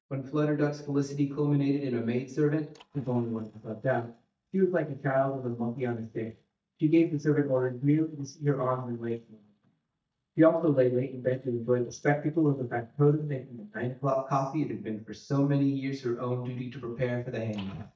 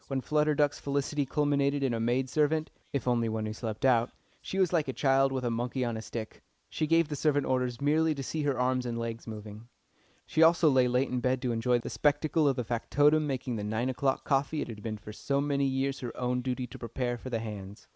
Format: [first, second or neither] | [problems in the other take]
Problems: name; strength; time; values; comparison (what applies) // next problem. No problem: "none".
second | noise reduction (neural mask model DeepFilterNet 3)